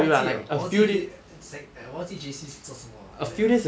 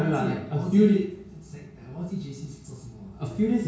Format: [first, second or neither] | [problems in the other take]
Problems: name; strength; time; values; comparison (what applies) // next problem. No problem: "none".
first | room echo; dies away in 0.6 s